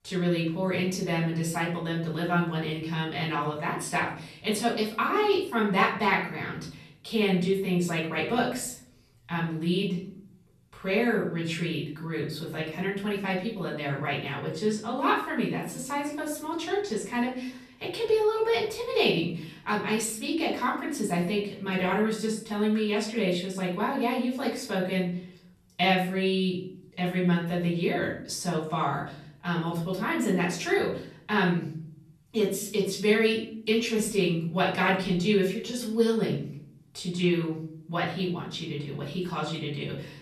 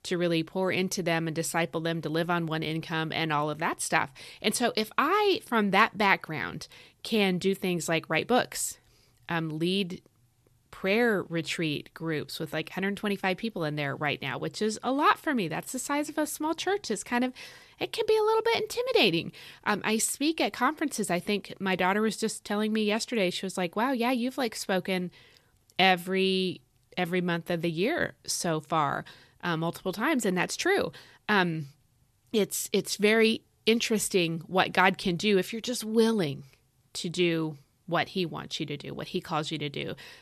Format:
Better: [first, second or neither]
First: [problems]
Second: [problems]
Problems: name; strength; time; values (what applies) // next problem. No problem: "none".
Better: second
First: off-mic speech; far // room echo; noticeable; dies away in 0.6 s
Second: none